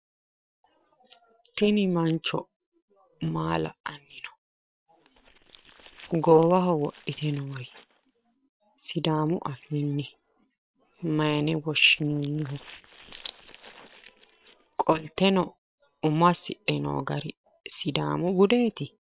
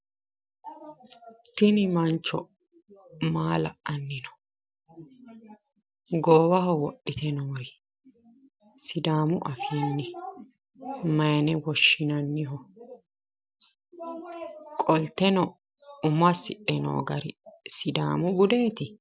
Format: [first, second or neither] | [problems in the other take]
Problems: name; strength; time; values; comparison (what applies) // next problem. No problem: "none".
second | noise reduction (neural separator model SepFormer WHAM!)